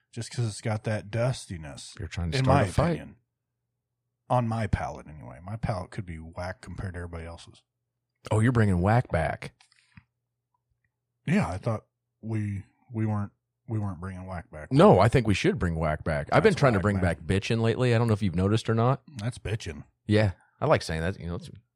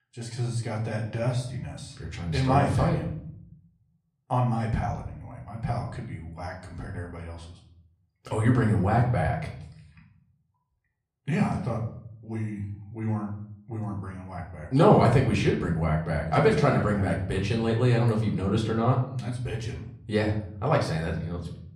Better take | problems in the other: first | room echo; slight; dies away in 0.6 s // off-mic speech; somewhat distant

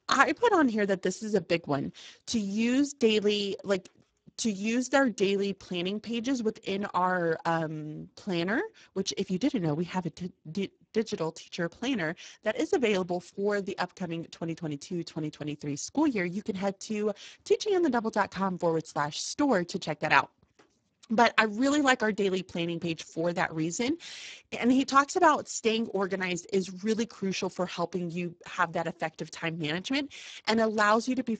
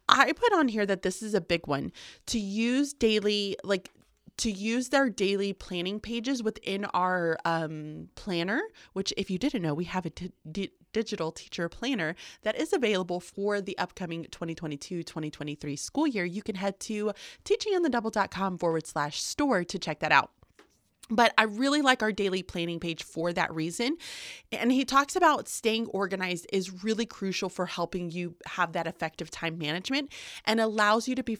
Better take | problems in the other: second | garbled, watery; badly; nothing above 7.5 kHz

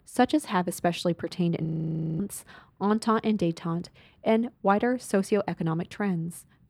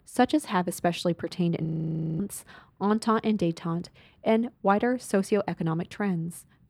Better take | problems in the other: neither | audio freezing; at 1.5 s for 0.5 s; the same in both

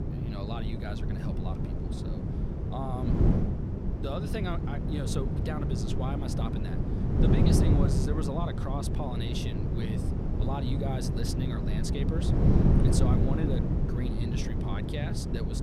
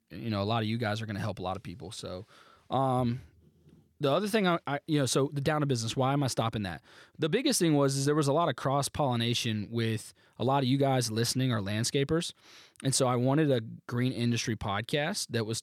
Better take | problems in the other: second | wind noise on the microphone; heavy; 1 dB above the speech

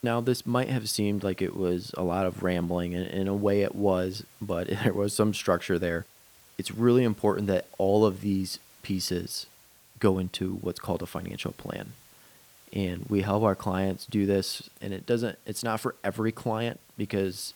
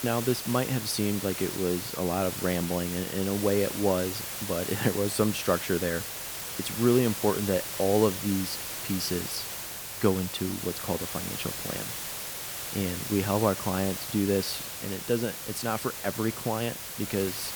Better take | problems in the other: first | hiss; loud; throughout; 5 dB below the speech; faint in the first

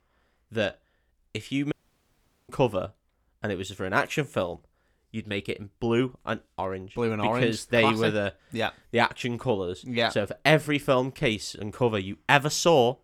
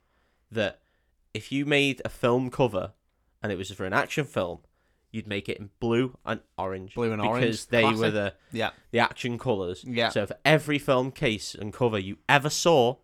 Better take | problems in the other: second | audio cutting out; at 1.5 s for 1 s

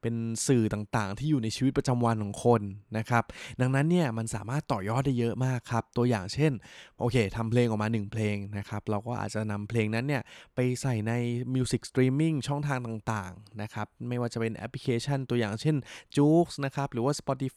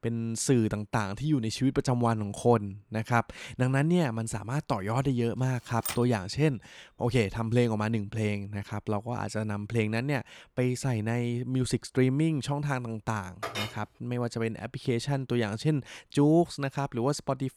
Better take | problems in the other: first | keyboard typing; noticeable; at 6 s; peak 6 dB below the speech // clattering dishes; noticeable; at 13 s; peak 5 dB below the speech

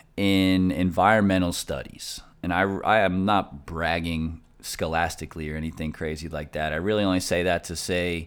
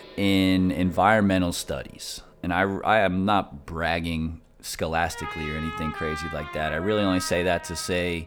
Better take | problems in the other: first | background music; noticeable; throughout; 10 dB below the speech

